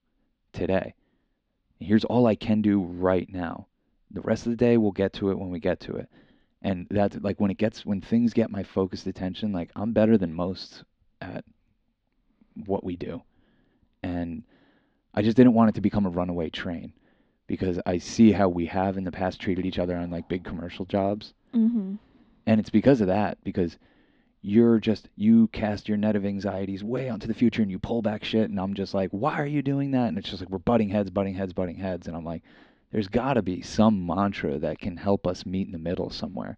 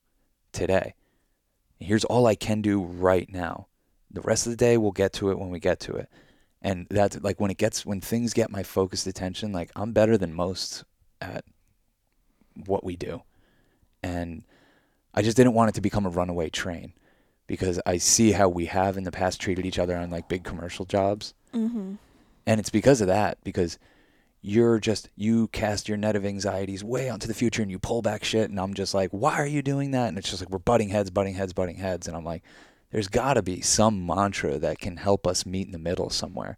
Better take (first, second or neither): second